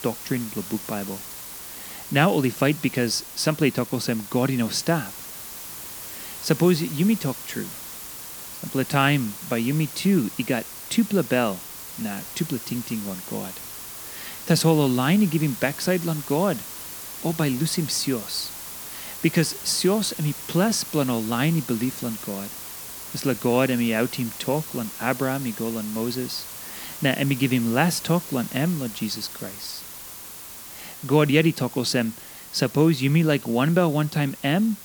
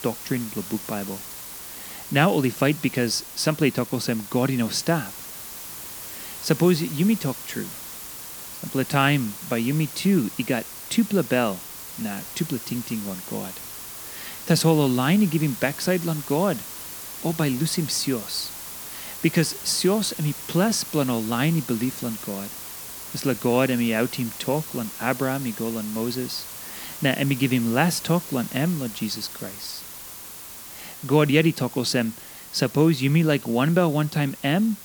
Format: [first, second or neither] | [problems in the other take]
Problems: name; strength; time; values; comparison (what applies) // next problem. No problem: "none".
neither | hiss; noticeable; throughout; 10 dB below the speech; the same in both